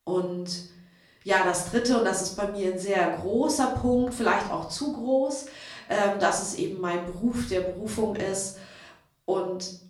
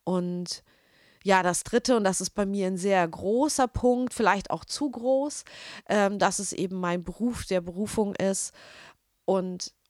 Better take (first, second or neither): second